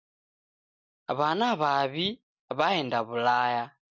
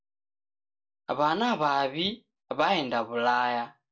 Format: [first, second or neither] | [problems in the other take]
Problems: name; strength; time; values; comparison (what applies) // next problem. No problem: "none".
first | room echo; dies away in 0.2 s